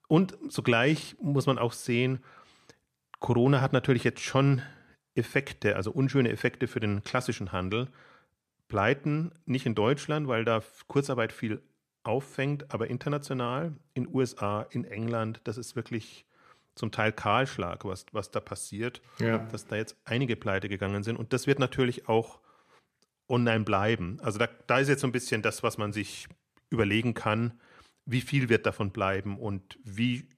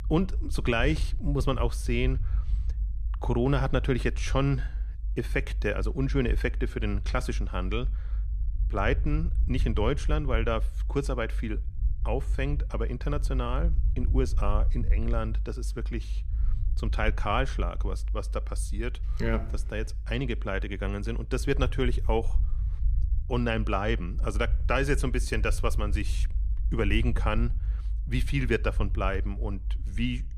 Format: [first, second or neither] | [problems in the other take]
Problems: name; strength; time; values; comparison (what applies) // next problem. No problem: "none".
first | low rumble; faint; throughout; 20 dB below the speech